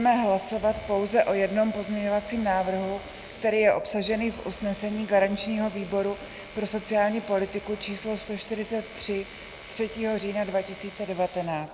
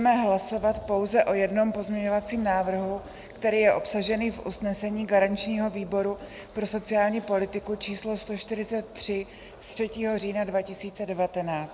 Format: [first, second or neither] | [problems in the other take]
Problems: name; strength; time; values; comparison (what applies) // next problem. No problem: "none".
second | background sound (Domestic sounds, home sounds); 19 dB below the speech